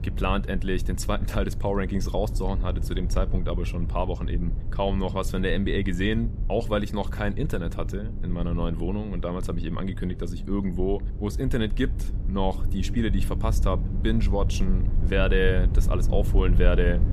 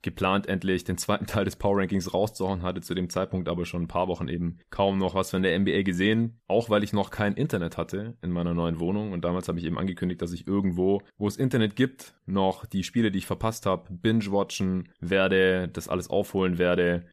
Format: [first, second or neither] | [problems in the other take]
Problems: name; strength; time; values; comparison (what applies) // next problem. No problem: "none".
second | low rumble; noticeable; throughout; 15 dB below the speech